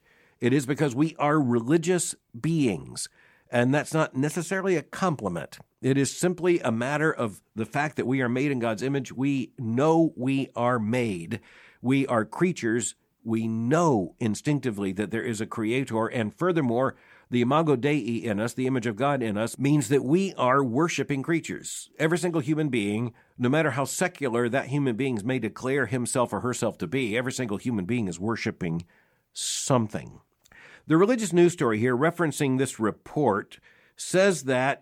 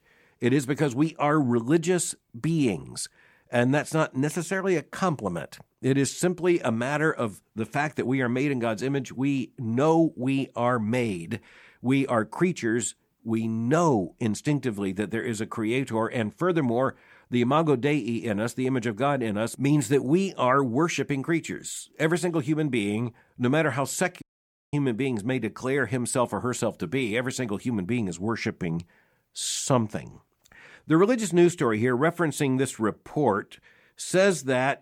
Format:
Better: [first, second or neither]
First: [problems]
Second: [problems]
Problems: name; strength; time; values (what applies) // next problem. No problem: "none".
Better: first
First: none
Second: audio cutting out; at 24 s for 0.5 s